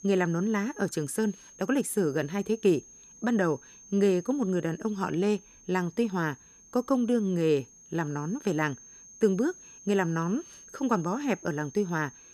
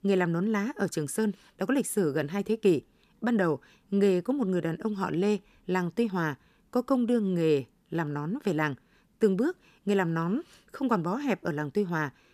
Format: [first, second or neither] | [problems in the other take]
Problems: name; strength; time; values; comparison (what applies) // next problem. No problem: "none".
second | high-pitched whine; faint; throughout; 6.5 kHz, 20 dB below the speech